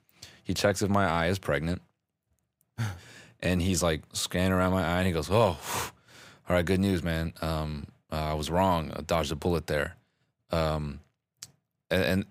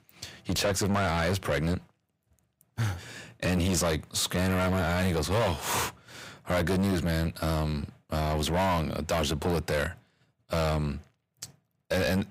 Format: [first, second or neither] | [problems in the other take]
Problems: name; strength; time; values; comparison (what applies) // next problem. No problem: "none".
first | distortion; heavy; 7 dB below the speech